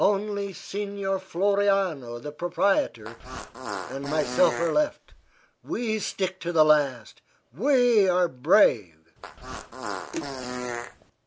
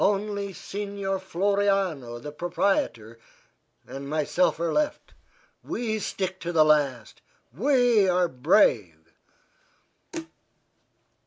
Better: second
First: background sound (Fart); 9 dB below the speech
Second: none

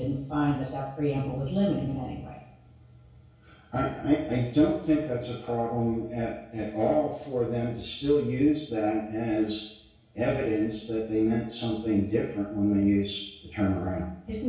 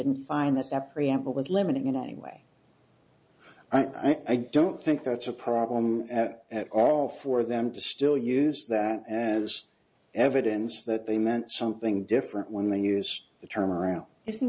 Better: second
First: room echo; dies away in 0.6 s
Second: none

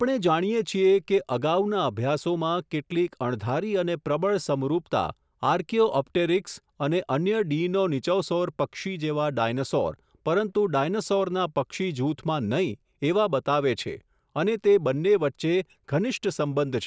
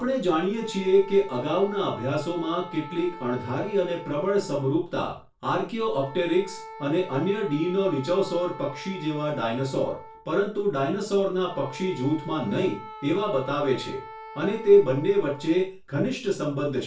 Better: first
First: none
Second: background sound (Wind instrument, woodwind instrument); 17 dB below the speech // room echo; dies away in 0.3 s

